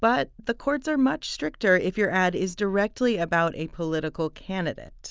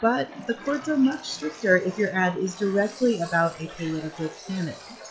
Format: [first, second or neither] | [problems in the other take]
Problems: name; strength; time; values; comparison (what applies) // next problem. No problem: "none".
first | noise reduction (classical method log-MMSE)